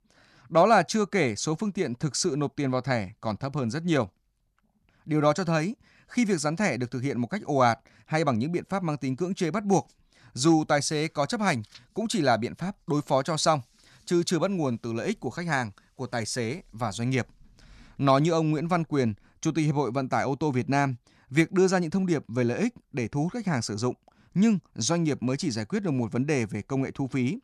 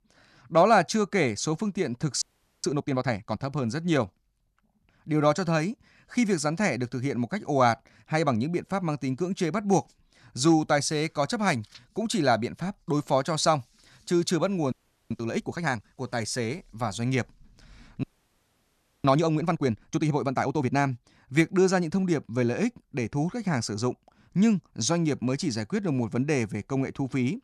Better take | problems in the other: first | audio freezing; at 2 s, at 15 s and at 18 s for 1 s

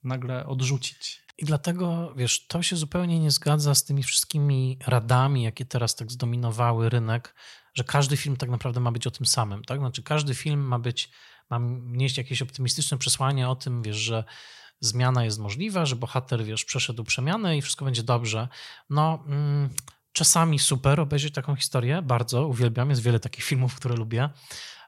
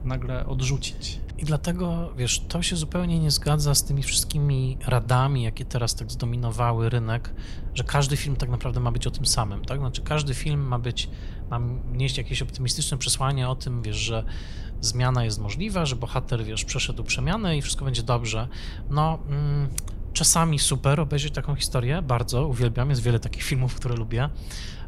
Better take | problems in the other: first | low rumble; faint; throughout; 20 dB below the speech

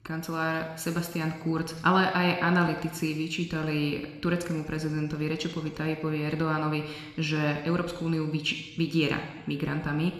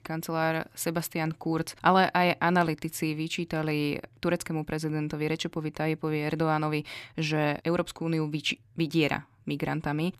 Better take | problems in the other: second | room echo; slight; dies away in 1.1 s

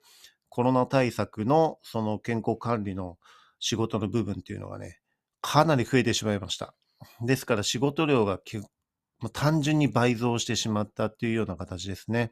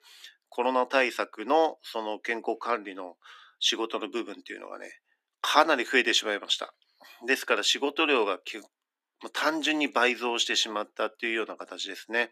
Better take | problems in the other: first | thin; somewhat; fading below 300 Hz

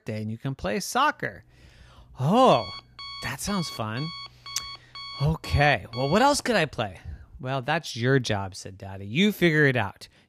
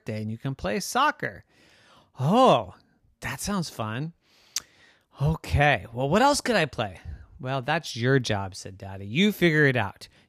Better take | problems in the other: second | alarm; faint; from 1.5 to 7.5 s; peak 10 dB below the speech

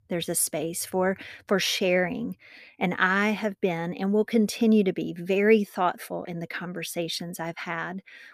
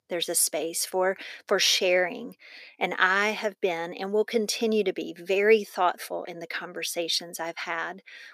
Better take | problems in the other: first | thin; somewhat; fading below 400 Hz

